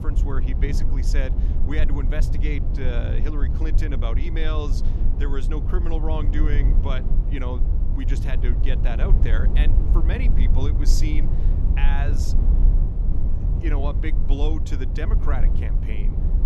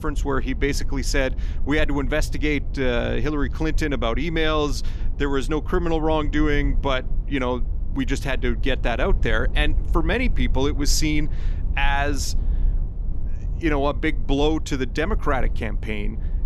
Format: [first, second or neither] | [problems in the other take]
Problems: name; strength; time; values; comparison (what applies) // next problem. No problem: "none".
second | low rumble; loud; throughout; 5 dB below the speech; faint in the second